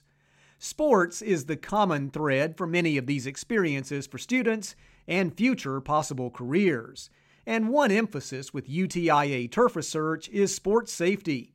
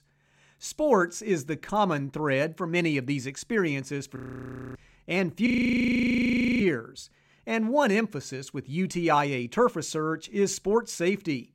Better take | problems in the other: first | audio freezing; at 4 s for 0.5 s and at 5.5 s for 1 s

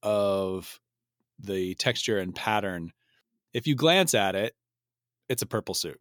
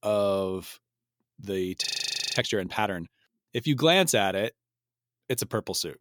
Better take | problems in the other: first | audio freezing; at 2 s for 0.5 s

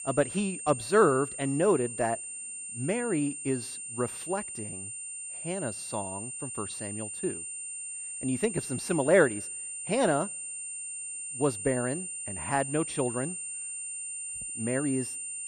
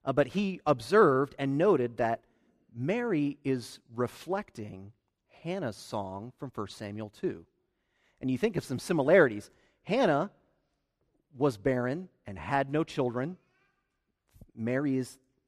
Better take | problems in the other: second | high-pitched whine; loud; throughout; 9 kHz, 6 dB below the speech

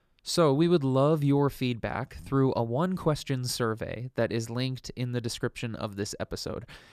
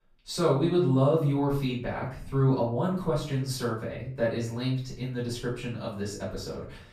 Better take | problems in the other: first | off-mic speech; far // room echo; noticeable; dies away in 0.4 s

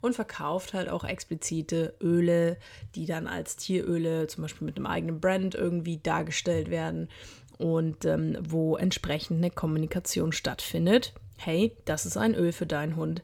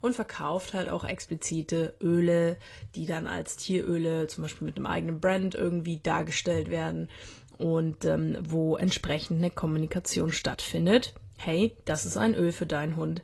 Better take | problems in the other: first | garbled, watery; slightly; nothing above 11.5 kHz

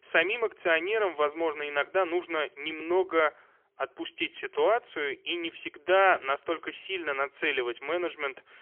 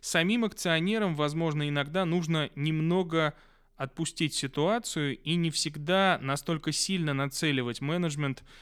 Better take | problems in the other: second | phone-call audio; poor line; nothing above 3.5 kHz

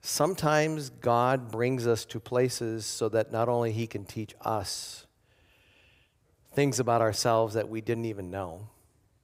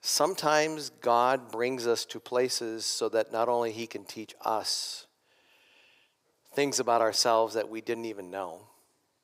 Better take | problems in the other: first | thin; somewhat; fading below 300 Hz

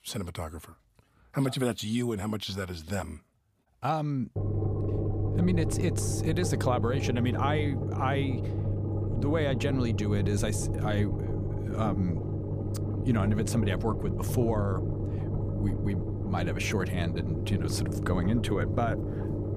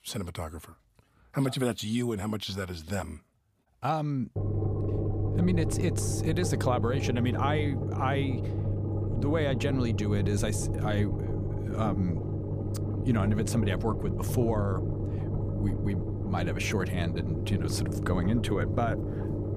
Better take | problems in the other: neither | low rumble; loud; from 4.5 s on; 6 dB below the speech; the same in both

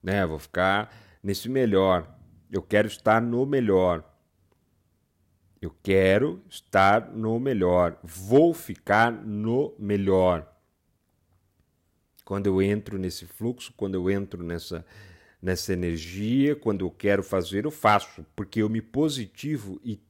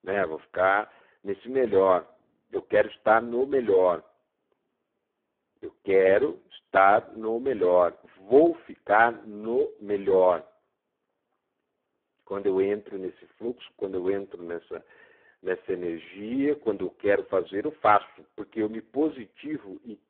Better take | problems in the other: first | phone-call audio; poor line; nothing above 3.5 kHz

